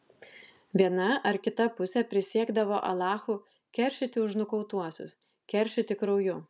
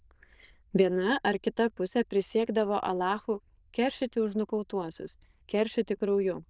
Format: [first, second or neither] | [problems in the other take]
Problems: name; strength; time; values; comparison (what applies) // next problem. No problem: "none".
first | noise reduction (neural diffusion model UNIVERSE++)